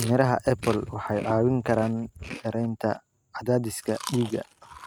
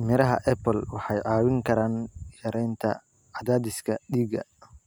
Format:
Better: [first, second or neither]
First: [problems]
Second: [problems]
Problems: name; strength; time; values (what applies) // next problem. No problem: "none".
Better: second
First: noise reduction (neural mask model RNNoise)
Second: none